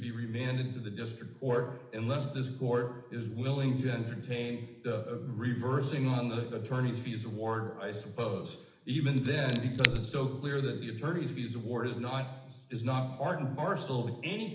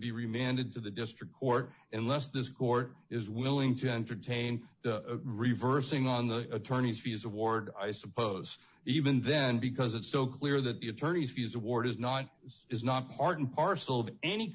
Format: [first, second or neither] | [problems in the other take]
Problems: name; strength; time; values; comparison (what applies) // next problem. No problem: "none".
second | background sound (Scissors); 3 dB below the speech // room echo; dies away in 0.8 s